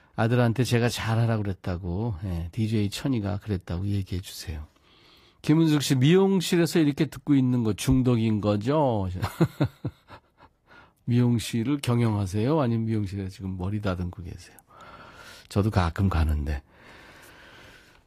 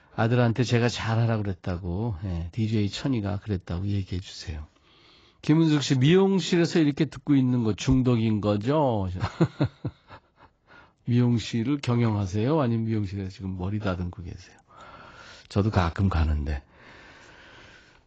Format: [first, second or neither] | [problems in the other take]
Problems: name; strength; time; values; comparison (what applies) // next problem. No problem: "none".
first | garbled, watery; badly; nothing above 7.5 kHz; slightly in the first